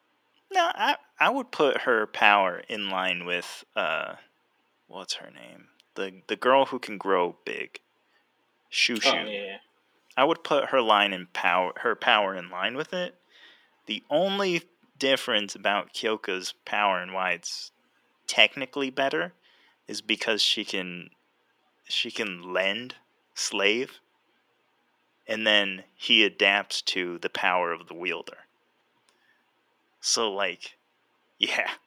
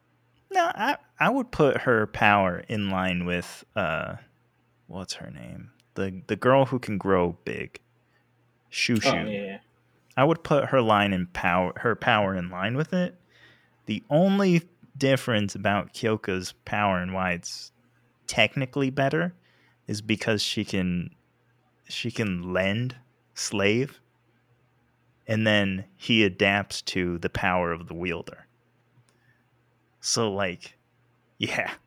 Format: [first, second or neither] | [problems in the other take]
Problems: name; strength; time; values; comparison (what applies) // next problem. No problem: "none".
second | thin; somewhat; fading below 300 Hz